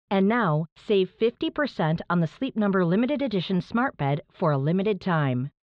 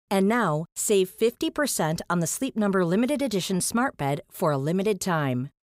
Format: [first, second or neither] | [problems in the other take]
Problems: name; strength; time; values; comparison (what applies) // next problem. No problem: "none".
second | muffled; very; fading above 3.5 kHz